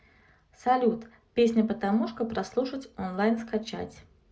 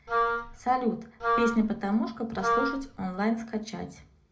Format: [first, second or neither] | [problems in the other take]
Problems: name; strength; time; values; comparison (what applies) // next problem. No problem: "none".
first | background sound (Wind instrument, woodwind instrument); 1 dB below the speech // room echo; dies away in 0.3 s